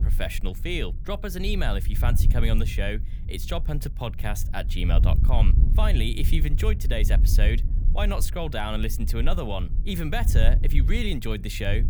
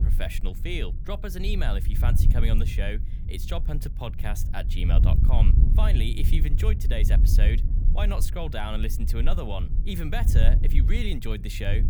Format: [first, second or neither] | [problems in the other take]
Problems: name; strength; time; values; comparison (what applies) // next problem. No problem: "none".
first | wind noise on the microphone; heavy; 8 dB below the speech; occasional gusts in the first